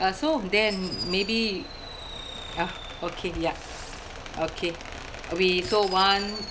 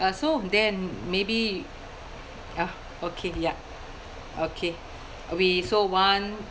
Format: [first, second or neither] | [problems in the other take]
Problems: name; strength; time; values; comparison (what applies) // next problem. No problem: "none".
second | background sound (Fireworks + Squeak); 12 dB below the speech